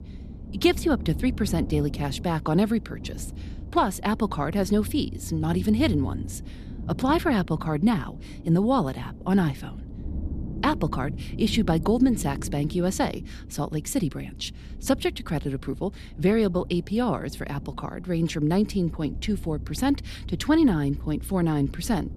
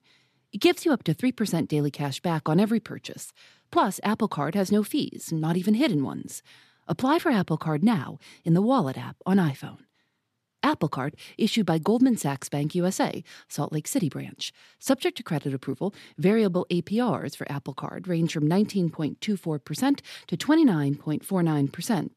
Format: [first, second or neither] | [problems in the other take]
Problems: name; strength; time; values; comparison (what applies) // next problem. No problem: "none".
second | low rumble; noticeable; throughout; 20 dB below the speech